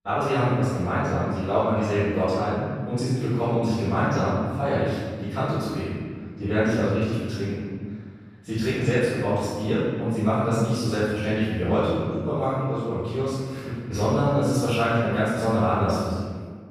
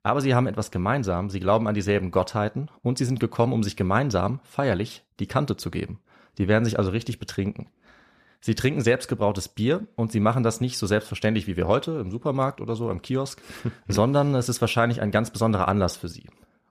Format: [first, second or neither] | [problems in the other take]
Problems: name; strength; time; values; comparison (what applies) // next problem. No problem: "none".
second | off-mic speech; far // room echo; strong; dies away in 1.5 s